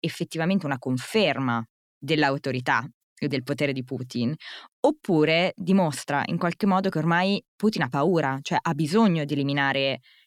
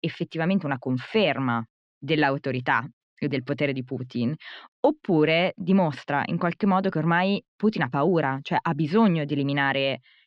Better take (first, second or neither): first